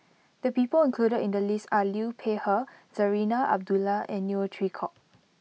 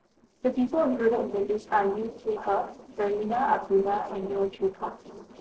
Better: first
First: none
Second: noise reduction (neural separator model SepFormer DNS4)

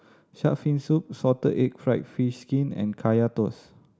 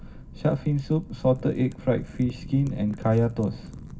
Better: first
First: none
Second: background sound (Wind / Fire); 14 dB below the speech // room echo; dies away in 0.4 s

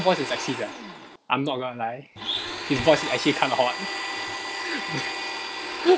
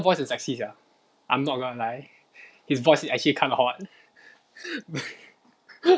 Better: second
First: background sound (Domestic sounds, home sounds); 6 dB below the speech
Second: none

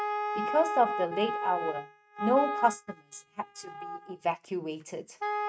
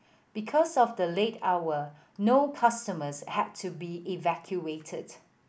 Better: second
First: noise reduction (neural mask model RNNoise)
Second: none

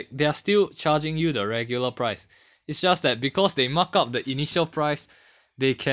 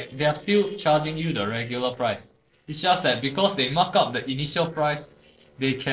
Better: first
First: none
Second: noise reduction (neural separator model SepFormer DNS4)

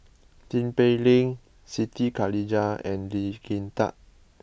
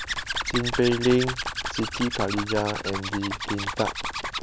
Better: first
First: none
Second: background sound (Zipper (clothing)); 4 dB below the speech

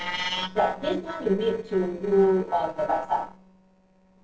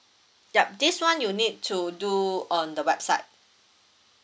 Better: second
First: noise reduction (neural separator model SepFormer DNS4)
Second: none

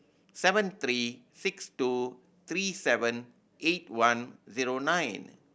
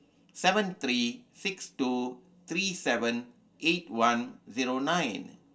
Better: first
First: none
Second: room echo; dies away in 0.2 s

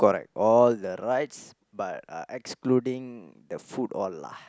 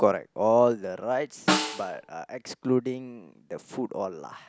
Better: first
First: none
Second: background sound (Snare drum); 5 dB below the speech

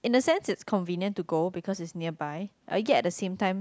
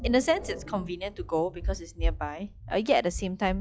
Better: first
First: none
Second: noise reduction (classical method log-MMSE)

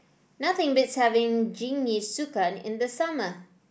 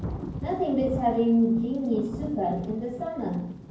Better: first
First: none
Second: background sound (Thunder / Rain); 9 dB below the speech // room echo; dies away in 0.9 s

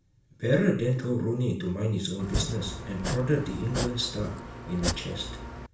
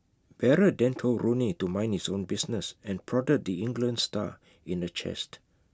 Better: second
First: background sound (Domestic sounds, home sounds); 5 dB below the speech // room echo; dies away in 0.3 s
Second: none

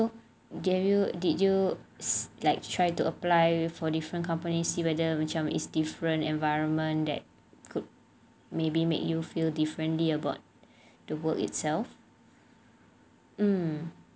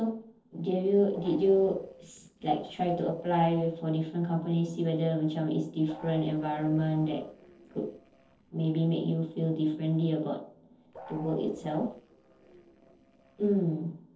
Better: first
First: none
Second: noise reduction (neural separator model SepFormer DNS4)

